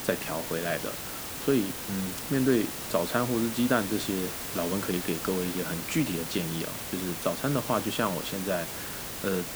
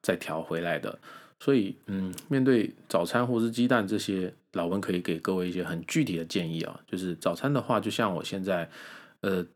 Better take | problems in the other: second | hiss; loud; throughout; 4 dB below the speech

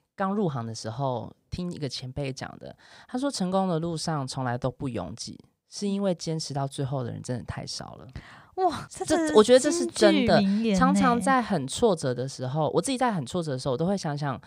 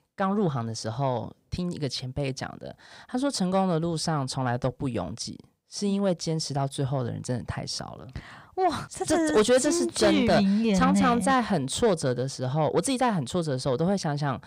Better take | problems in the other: first | distortion; slight; 10 dB below the speech

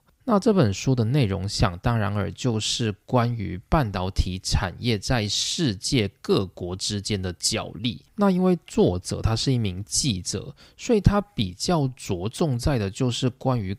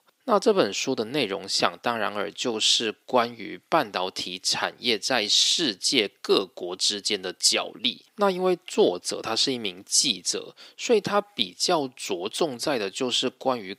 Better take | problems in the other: first | thin; somewhat; fading below 300 Hz

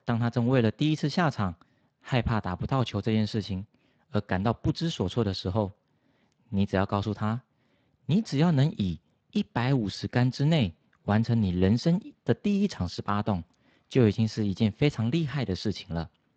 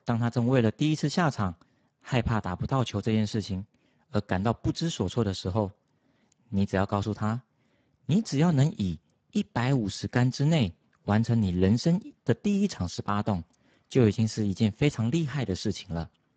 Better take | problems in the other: first | garbled, watery; badly; nothing above 7.5 kHz; slightly in the first

